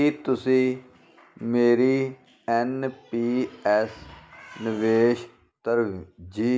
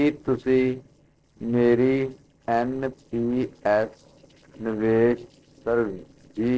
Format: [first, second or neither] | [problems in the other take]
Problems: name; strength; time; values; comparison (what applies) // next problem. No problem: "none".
first | noise reduction (neural separator model SepFormer DNS4)